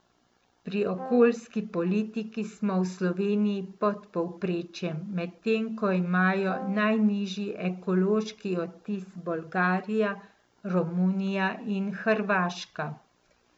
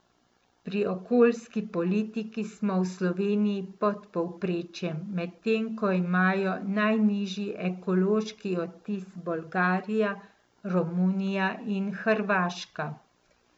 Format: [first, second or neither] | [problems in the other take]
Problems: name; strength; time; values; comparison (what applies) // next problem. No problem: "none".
second | background sound (Brass instrument); 14 dB below the speech